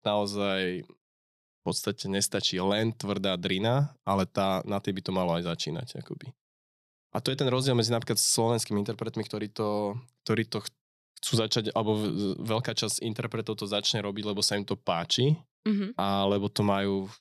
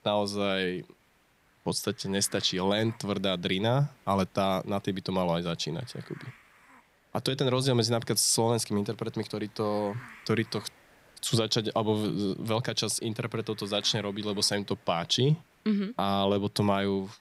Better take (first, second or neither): first